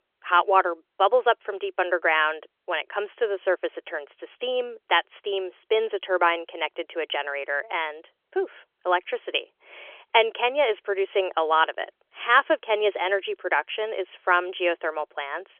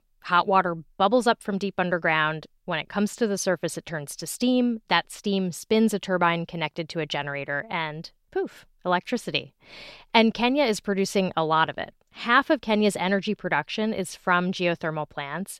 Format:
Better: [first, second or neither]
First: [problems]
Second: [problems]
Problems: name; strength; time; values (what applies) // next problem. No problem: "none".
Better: second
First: phone-call audio; nothing above 3.5 kHz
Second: none